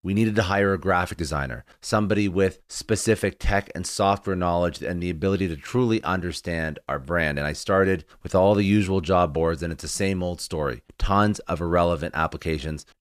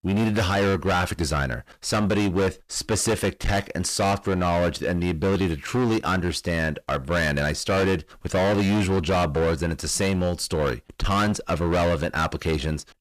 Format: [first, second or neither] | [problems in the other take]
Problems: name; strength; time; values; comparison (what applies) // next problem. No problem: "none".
first | distortion; heavy; 20% of the sound clipped